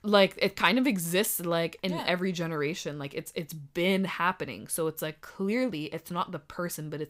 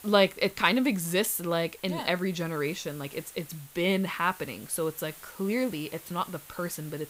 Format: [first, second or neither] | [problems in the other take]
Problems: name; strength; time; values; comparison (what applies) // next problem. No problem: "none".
first | hiss; noticeable; throughout; 20 dB below the speech